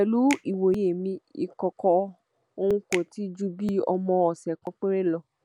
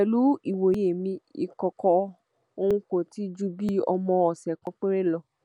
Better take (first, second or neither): second